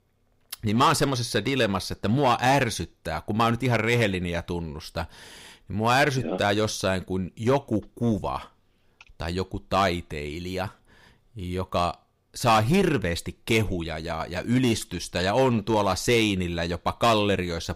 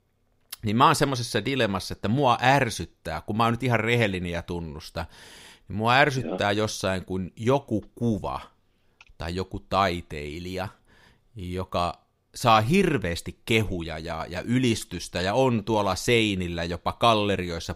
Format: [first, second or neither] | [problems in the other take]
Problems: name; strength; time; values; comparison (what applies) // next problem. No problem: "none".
second | distortion; slight; 3% of the sound clipped